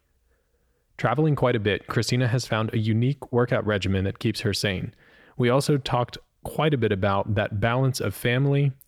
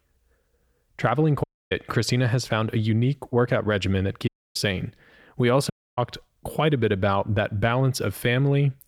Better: first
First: none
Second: audio cutting out; at 1.5 s, at 4.5 s and at 5.5 s

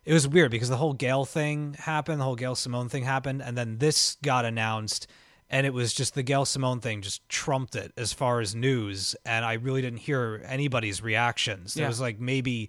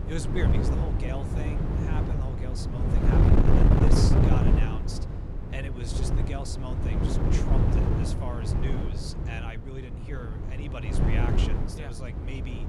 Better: first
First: none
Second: wind noise on the microphone; heavy; 5 dB above the speech

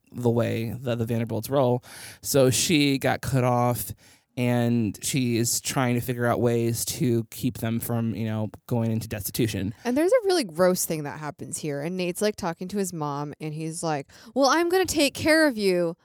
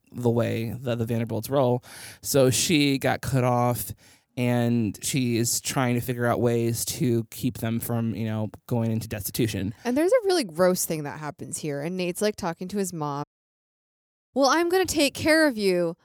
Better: first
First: none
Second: audio cutting out; at 13 s for 1 s

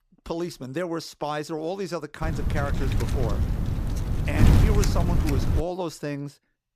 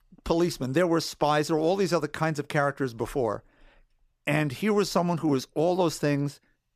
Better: second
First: wind noise on the microphone; heavy; from 2 to 5.5 s; 2 dB below the speech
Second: none

